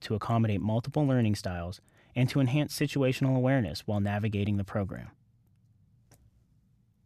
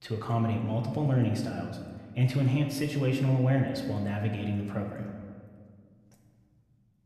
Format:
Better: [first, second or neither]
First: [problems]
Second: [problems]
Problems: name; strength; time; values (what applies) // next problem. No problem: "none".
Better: first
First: none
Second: room echo; slight; dies away in 1.4 s // off-mic speech; somewhat distant